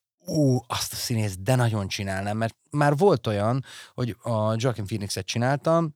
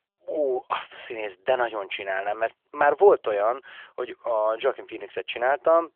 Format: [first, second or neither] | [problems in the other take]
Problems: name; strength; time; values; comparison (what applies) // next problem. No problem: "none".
first | phone-call audio; nothing above 3.5 kHz